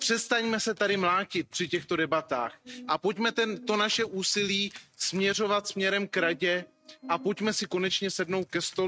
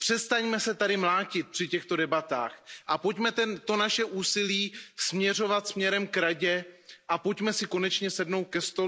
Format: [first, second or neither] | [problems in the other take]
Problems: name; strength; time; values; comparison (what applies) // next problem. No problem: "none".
second | noise reduction (neural mask model RNNoise)